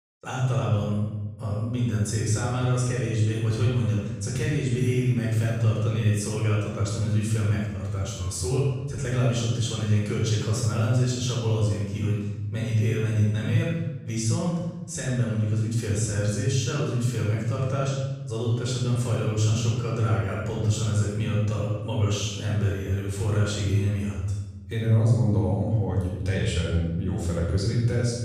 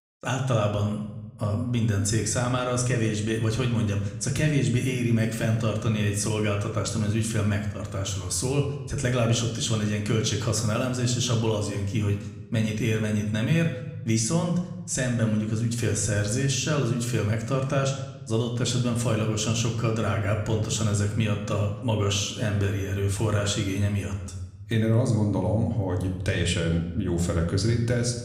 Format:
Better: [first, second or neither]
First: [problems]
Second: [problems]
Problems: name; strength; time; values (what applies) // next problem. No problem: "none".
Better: second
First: room echo; strong; dies away in 1.1 s // off-mic speech; far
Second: room echo; slight; dies away in 0.8 s // off-mic speech; somewhat distant